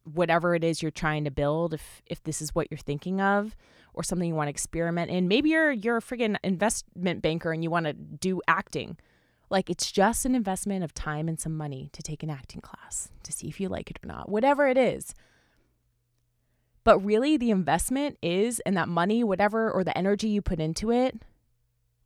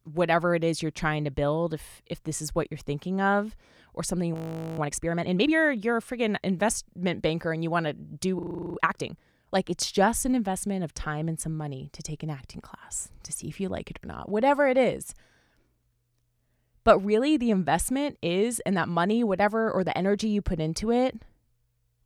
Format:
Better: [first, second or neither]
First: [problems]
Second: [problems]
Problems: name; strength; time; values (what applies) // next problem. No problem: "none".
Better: first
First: none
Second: audio freezing; at 4.5 s and at 8.5 s